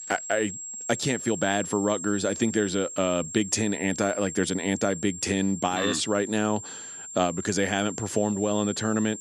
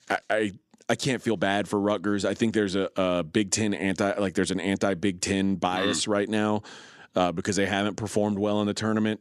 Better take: second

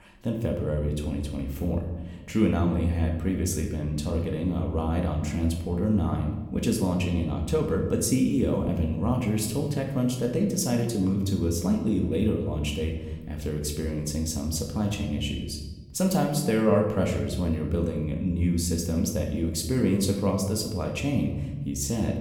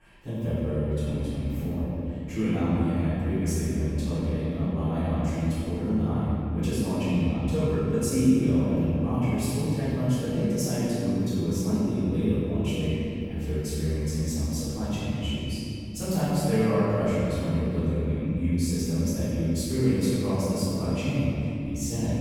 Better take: first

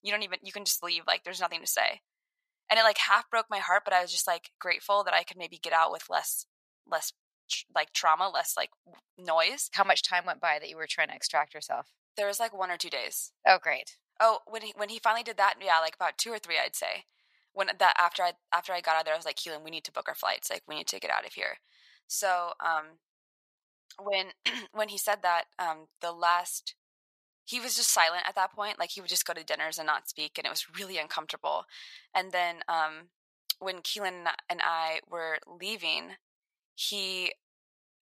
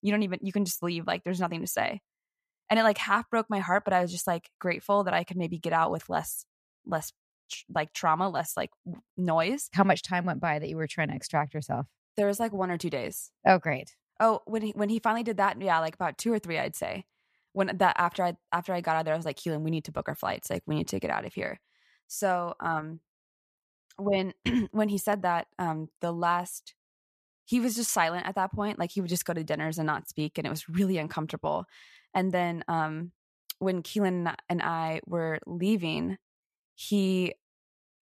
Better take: second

